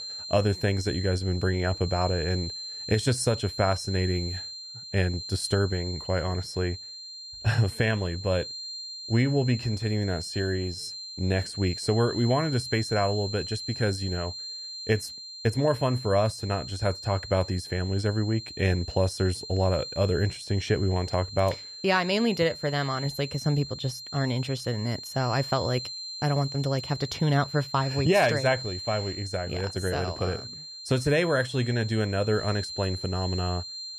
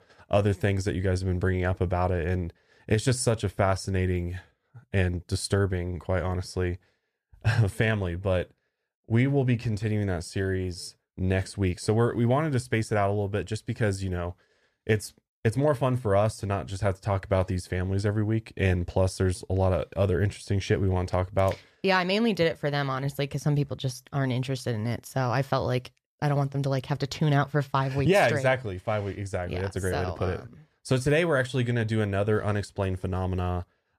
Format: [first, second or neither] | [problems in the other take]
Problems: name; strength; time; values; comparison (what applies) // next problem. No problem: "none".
second | high-pitched whine; loud; throughout; 4 kHz, 9 dB below the speech